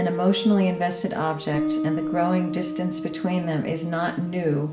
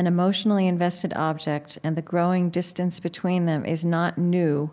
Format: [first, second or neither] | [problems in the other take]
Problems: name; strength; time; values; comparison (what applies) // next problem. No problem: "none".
second | background sound (Guitar); 6 dB below the speech // room echo; dies away in 0.4 s